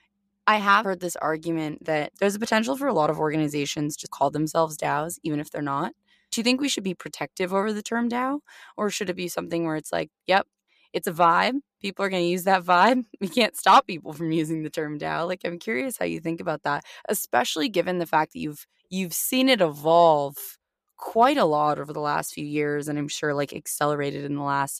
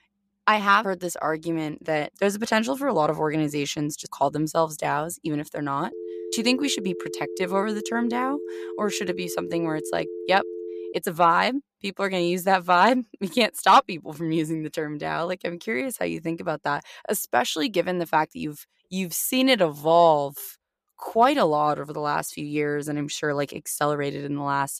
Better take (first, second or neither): first